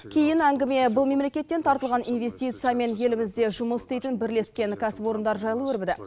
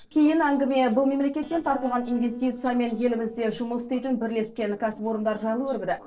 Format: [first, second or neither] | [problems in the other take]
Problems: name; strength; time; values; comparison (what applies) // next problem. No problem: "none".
first | noise reduction (neural separator model SepFormer DNS4)